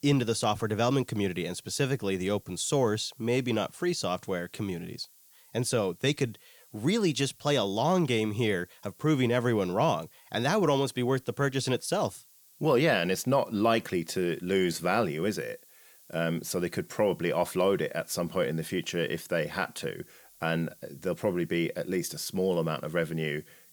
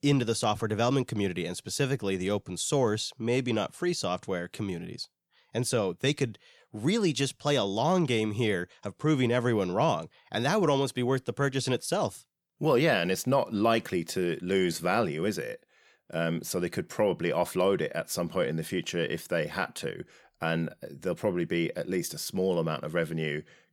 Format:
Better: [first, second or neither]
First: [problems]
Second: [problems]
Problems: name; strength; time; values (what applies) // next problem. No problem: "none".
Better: second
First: hiss; faint; throughout; 25 dB below the speech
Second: none